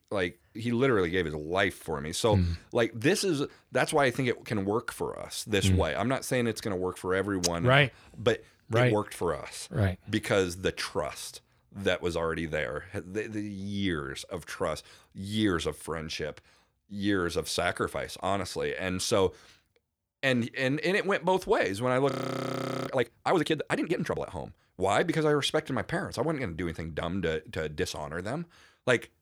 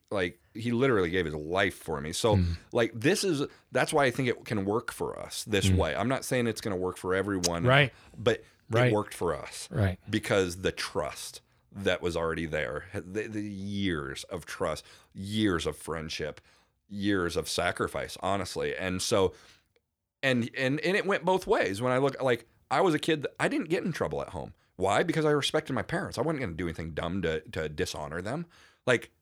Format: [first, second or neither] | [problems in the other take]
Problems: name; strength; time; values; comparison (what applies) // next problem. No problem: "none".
second | audio freezing; at 22 s for 1 s